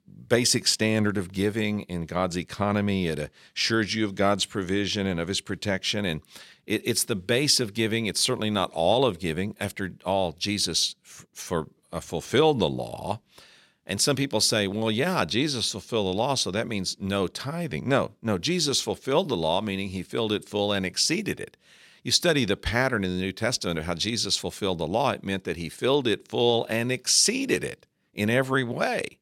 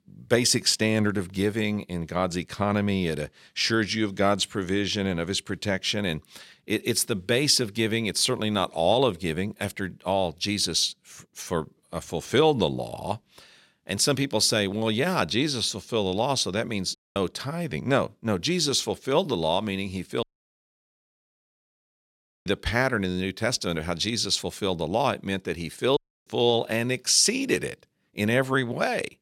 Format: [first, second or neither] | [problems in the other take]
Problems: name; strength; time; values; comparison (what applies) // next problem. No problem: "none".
first | audio cutting out; at 17 s, at 20 s for 2 s and at 26 s